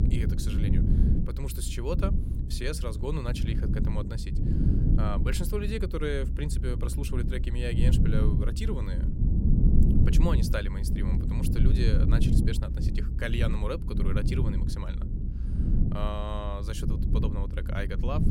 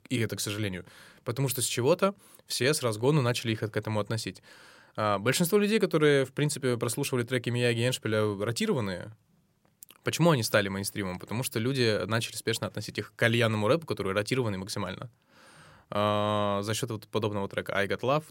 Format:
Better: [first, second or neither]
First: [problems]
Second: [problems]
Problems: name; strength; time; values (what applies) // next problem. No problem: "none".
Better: second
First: low rumble; loud; throughout; 3 dB below the speech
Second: none